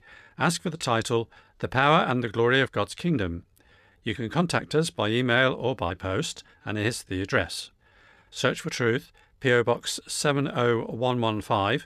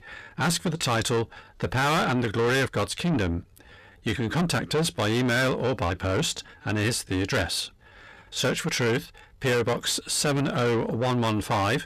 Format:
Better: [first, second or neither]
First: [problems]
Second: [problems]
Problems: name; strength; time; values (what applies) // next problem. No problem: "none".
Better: first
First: none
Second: distortion; heavy; 6 dB below the speech